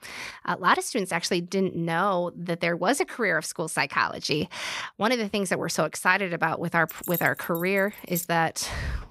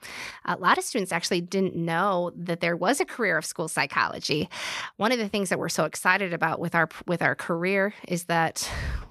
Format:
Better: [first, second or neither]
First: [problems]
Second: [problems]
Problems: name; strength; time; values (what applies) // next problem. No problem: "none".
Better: second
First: jangling keys; noticeable; from 7 to 8 s; peak 7 dB below the speech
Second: none